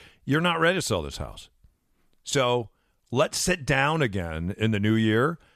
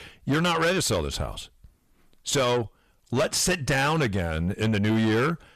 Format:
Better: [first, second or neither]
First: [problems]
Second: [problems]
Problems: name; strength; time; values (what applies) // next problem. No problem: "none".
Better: first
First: none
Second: distortion; heavy; 7 dB below the speech